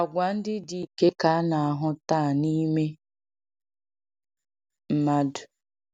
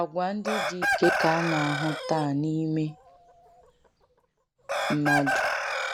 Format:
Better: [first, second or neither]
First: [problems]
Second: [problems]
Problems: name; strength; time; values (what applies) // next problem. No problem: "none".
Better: first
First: none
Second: background sound (Chicken, rooster); 1 dB below the speech